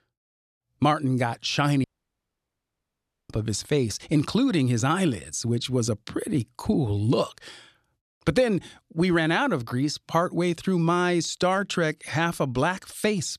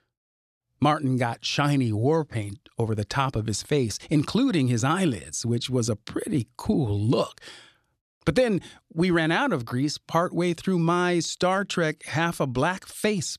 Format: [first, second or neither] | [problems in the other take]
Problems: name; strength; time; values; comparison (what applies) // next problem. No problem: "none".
second | audio cutting out; at 2 s for 1.5 s